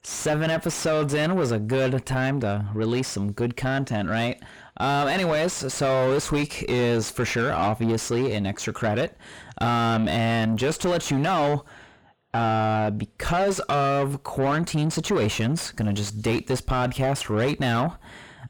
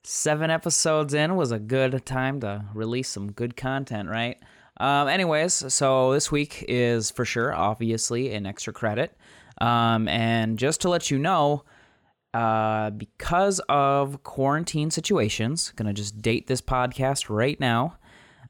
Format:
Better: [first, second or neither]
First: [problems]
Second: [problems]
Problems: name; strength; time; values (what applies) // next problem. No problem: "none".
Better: second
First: distortion; heavy; 7 dB below the speech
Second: none